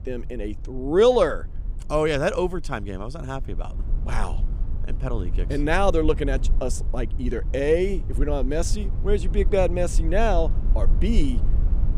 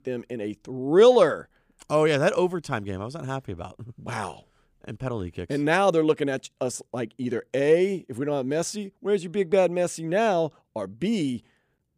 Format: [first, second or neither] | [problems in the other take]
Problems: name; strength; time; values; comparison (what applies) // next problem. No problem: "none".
second | low rumble; faint; throughout; 20 dB below the speech